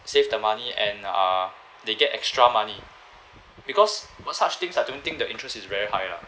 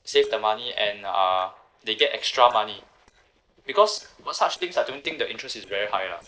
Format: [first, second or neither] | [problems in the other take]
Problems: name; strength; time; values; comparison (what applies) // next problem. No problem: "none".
first | noise reduction (neural separator model SepFormer DNS4)